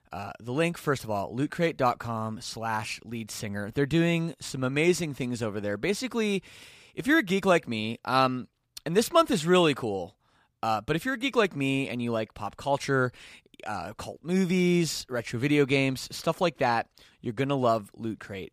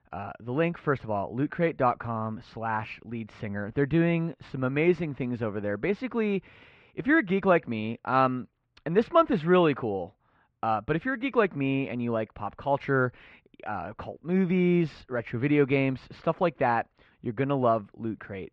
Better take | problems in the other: first | muffled; very; fading above 2.5 kHz

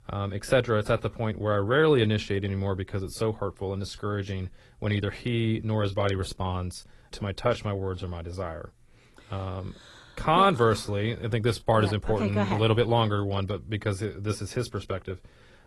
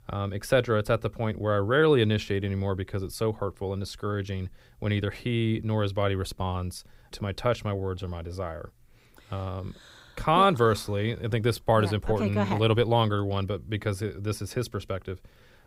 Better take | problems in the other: second | garbled, watery; slightly; nothing above 11.5 kHz

